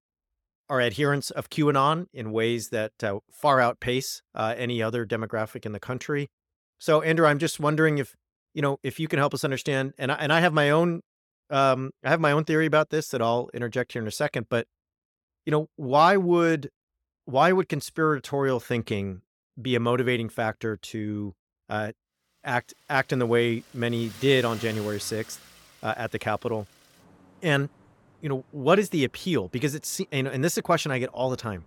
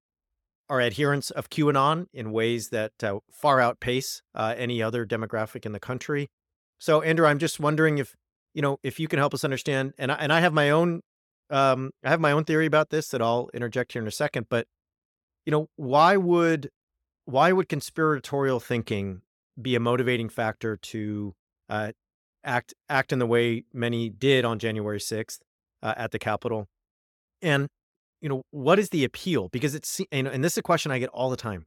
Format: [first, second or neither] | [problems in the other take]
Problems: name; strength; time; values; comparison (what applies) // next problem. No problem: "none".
second | traffic noise; faint; from 23 s on; 20 dB below the speech